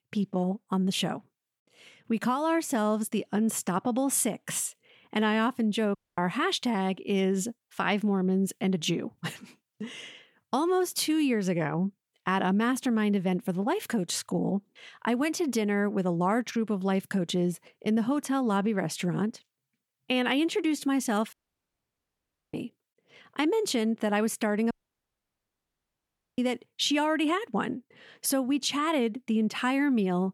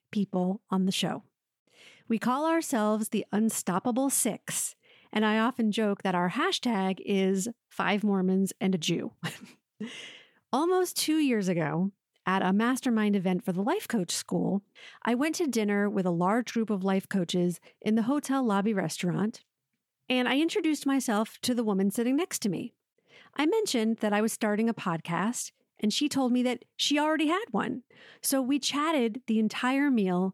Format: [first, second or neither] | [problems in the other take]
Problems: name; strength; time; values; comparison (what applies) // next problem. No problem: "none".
second | audio cutting out; at 6 s, at 21 s for 1 s and at 25 s for 1.5 s